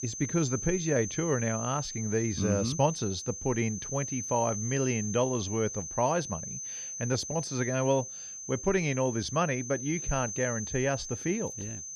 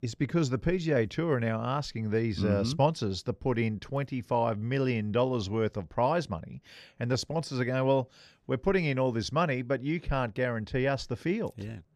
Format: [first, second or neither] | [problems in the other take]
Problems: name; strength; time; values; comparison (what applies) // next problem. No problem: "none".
second | high-pitched whine; loud; throughout; 6 kHz, 6 dB below the speech